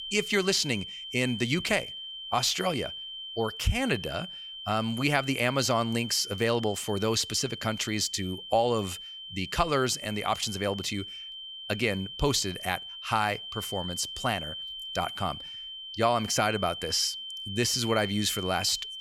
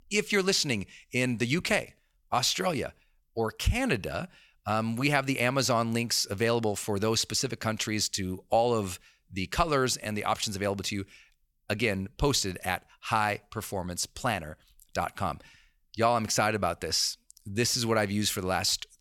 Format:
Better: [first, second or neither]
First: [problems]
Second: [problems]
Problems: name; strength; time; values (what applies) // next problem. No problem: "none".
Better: second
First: high-pitched whine; loud; throughout; 3 kHz, 9 dB below the speech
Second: none